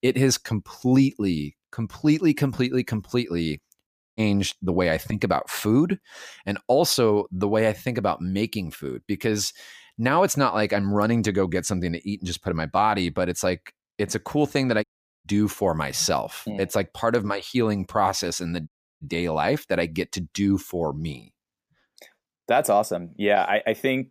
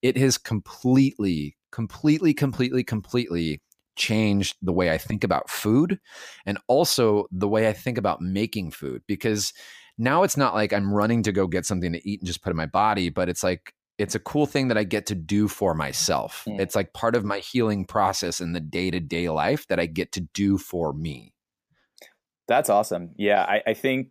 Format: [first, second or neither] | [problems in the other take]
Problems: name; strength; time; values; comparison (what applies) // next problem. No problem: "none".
second | audio cutting out; at 4 s, at 15 s and at 19 s